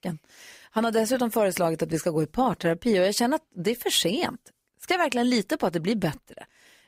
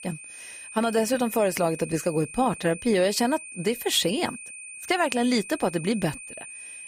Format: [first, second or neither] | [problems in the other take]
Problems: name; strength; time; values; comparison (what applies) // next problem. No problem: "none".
first | high-pitched whine; noticeable; throughout; 2.5 kHz, 15 dB below the speech